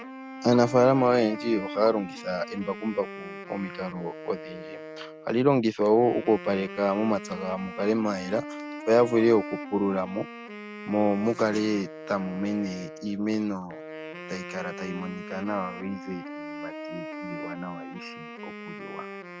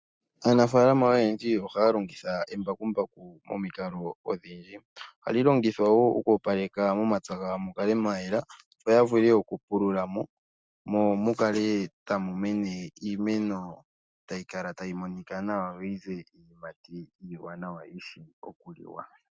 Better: second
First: background sound (Wind instrument, woodwind instrument); 12 dB below the speech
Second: none

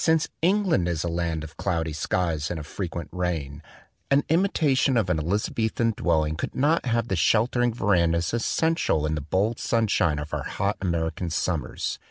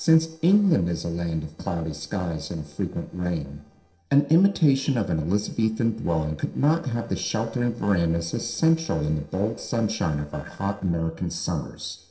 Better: first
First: none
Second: noise reduction (neural separator model SepFormer DNS4)

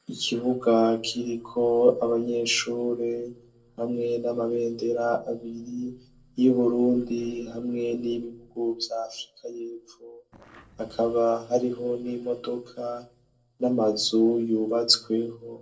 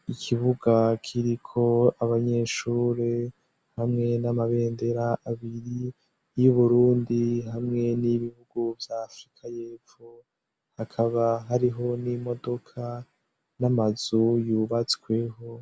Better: second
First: noise reduction (neural separator model SepFormer DNS4)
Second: none

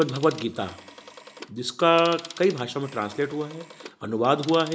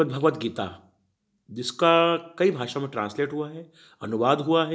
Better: second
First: background sound (Telephone); 18 dB below the speech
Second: none

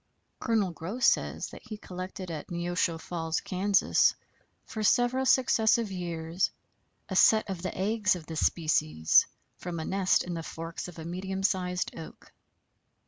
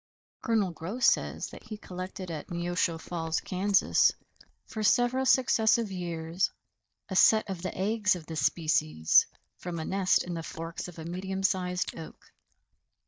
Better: first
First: none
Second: noise reduction (neural mask model DeepFilterNet 3)

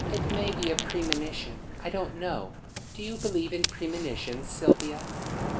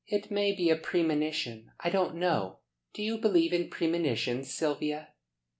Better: second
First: background sound (Ocean); 2 dB above the speech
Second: none

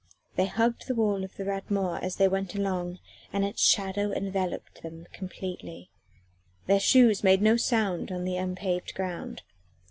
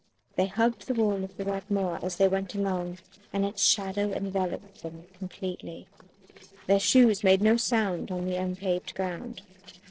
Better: first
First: none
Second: noise reduction (neural separator model SepFormer DNS4)

